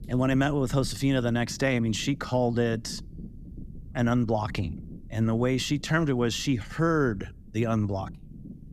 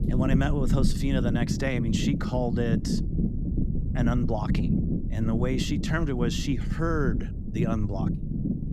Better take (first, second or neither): first